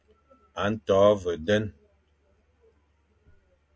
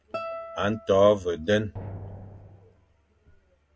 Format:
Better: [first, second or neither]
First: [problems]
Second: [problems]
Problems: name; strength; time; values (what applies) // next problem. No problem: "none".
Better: first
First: none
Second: background sound (Guitar + Drum); 13 dB below the speech